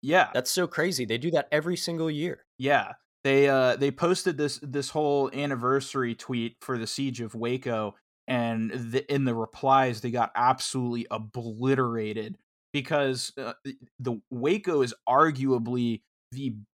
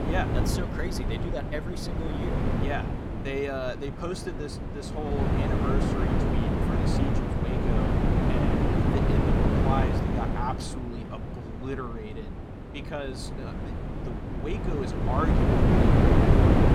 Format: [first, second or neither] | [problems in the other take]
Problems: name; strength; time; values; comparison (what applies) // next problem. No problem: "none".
first | wind noise on the microphone; heavy; 4 dB above the speech